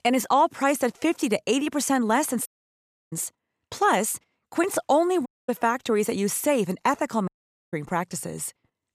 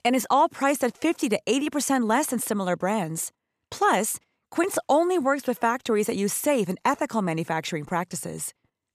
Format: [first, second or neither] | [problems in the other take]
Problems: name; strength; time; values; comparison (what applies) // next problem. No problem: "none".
second | audio cutting out; at 2.5 s for 0.5 s, at 5.5 s and at 7.5 s